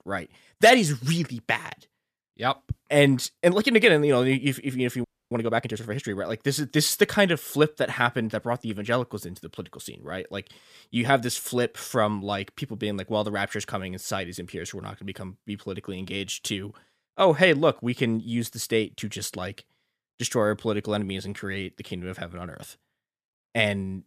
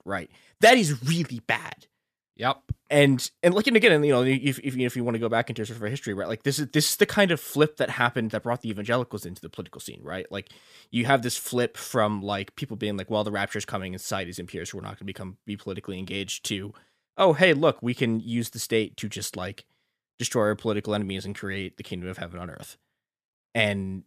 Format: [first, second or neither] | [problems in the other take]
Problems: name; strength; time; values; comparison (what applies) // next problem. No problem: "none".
second | audio freezing; at 5 s